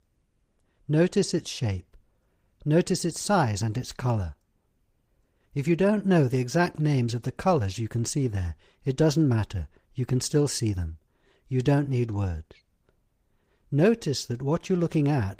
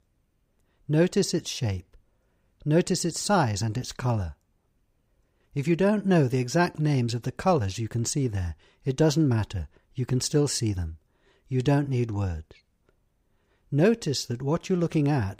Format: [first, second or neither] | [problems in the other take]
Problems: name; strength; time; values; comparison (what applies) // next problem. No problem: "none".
second | garbled, watery; slightly; nothing above 15.5 kHz